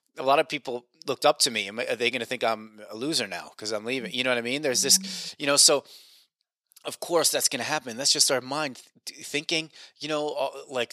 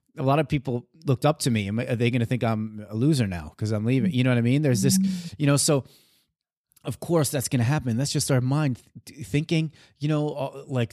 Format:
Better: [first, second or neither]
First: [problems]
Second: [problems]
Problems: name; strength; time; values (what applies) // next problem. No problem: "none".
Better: second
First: thin; very; fading below 550 Hz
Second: none